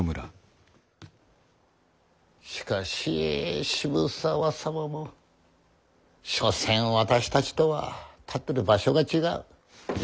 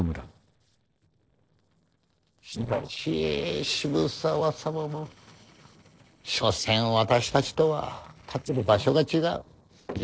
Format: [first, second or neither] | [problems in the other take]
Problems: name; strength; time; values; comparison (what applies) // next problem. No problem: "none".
first | noise reduction (neural separator model SepFormer DNS4)